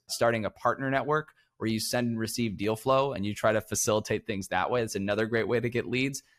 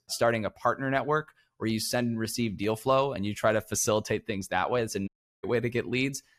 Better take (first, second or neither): first